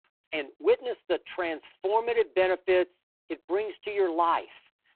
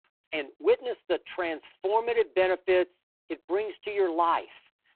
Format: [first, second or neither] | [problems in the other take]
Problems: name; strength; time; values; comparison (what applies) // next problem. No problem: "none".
neither | phone-call audio; poor line; nothing above 4 kHz; the same in both